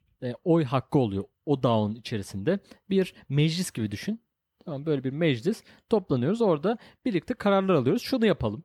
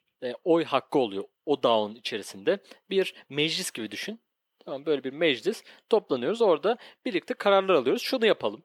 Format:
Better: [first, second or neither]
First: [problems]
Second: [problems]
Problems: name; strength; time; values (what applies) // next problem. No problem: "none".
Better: first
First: none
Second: thin; somewhat; fading below 450 Hz